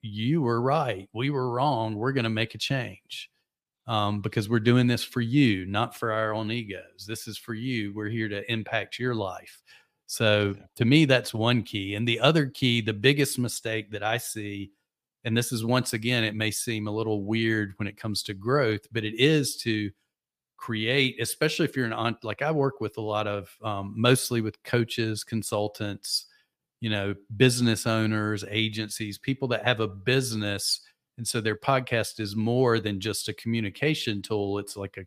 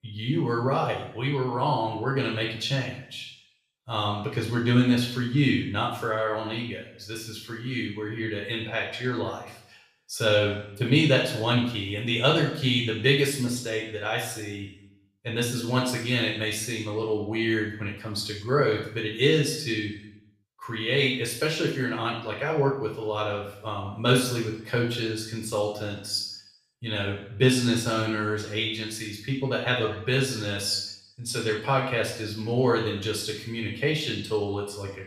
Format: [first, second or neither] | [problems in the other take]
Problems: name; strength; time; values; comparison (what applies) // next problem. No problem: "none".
first | room echo; noticeable; dies away in 0.7 s // off-mic speech; far